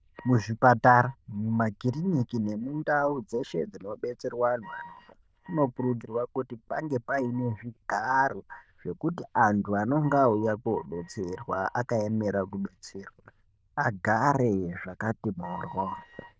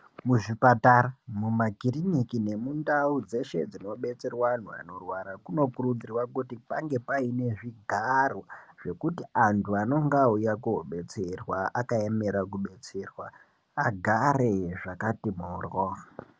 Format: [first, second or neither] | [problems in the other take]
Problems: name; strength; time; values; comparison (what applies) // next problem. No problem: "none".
second | noise reduction (neural diffusion model UNIVERSE++)